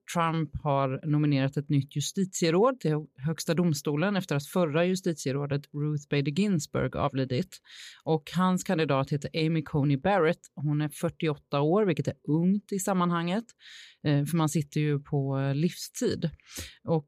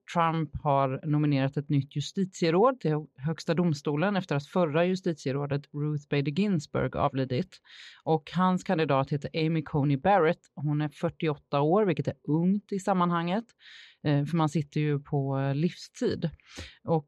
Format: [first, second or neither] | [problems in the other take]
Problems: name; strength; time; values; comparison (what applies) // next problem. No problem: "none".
first | muffled; slightly; fading above 4.5 kHz